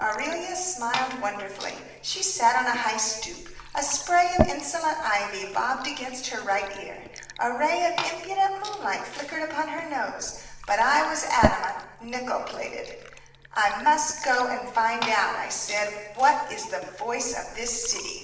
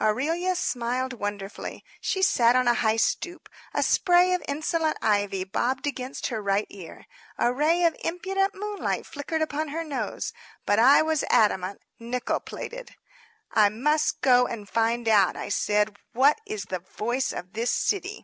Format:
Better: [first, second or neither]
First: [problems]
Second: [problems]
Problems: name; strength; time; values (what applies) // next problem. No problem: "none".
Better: second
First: background sound (Liquid); 9 dB below the speech // room echo; dies away in 1 s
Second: none